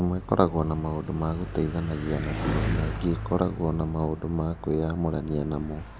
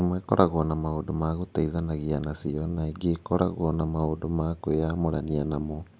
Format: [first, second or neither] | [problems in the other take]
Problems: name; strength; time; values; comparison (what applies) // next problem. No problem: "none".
second | background sound (Bicycle); 7 dB below the speech